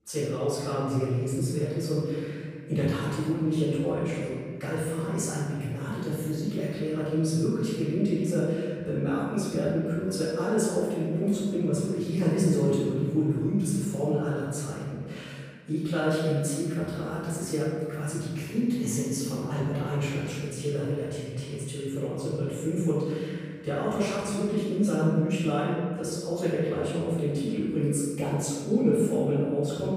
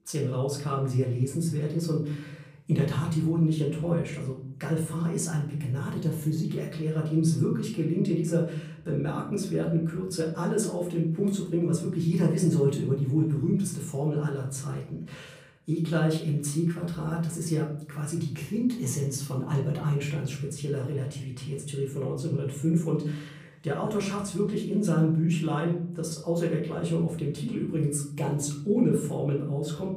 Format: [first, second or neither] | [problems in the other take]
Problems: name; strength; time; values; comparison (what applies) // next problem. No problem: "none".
second | room echo; strong; dies away in 1.6 s; slight in the second // off-mic speech; far; far in the second